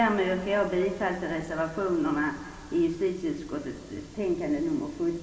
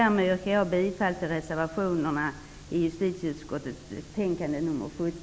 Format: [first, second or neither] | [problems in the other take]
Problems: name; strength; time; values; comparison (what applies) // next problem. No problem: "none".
second | room echo; dies away in 2.1 s